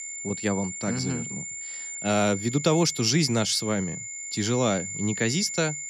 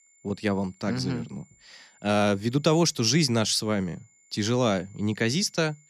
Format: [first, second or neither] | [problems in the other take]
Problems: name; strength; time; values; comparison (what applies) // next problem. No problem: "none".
second | high-pitched whine; loud; throughout; 7 kHz, 7 dB below the speech; faint in the second